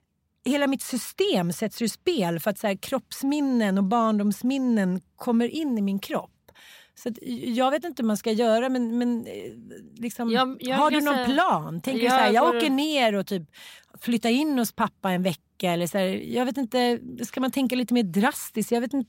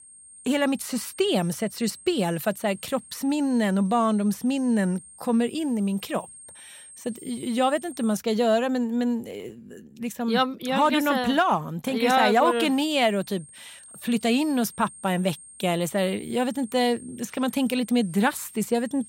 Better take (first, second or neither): first